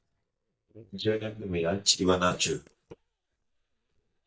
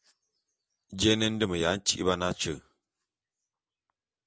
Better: second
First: noise reduction (neural mask model DeepFilterNet 3)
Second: none

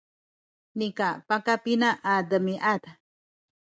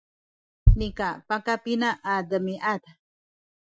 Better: first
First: none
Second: noise reduction (classical method Wiener filter)

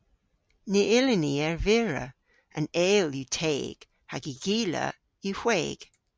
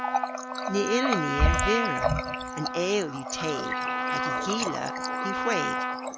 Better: first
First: none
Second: background sound (Trumpet + Water tap, faucet); 3 dB above the speech

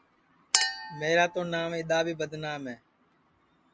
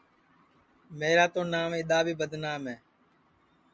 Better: second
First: background sound (Chink, clink); 2 dB below the speech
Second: none

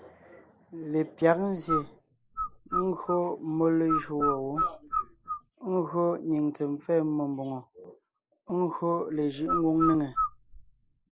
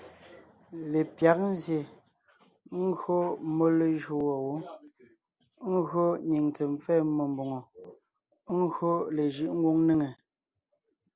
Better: second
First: noise reduction (neural mask model Resemble Enhance denoiser)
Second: none

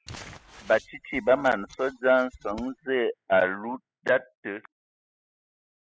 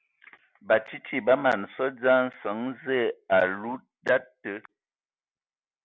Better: second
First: noise reduction (classical method spectral subtraction)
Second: none

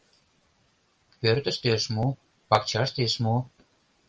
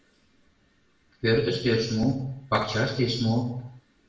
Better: first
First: none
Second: room echo; dies away in 0.7 s

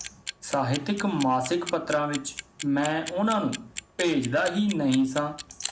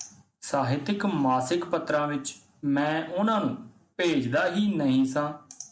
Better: second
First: background sound (Clock); 13 dB below the speech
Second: none

